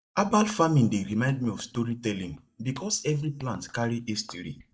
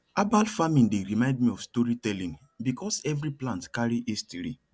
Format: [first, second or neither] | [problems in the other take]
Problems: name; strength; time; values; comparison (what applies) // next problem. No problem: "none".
second | noise reduction (neural mask model DeepFilterNet 3)